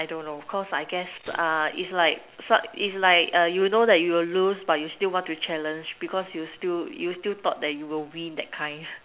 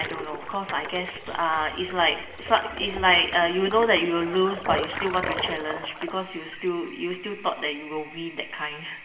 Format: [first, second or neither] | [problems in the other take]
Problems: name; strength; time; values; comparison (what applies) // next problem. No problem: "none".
first | background sound (Toilet flush); 10 dB below the speech // room echo; dies away in 0.9 s